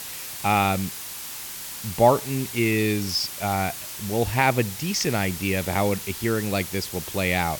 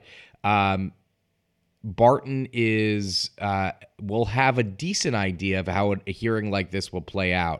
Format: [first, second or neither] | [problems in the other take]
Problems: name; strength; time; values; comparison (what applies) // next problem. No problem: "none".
second | hiss; loud; throughout; 9 dB below the speech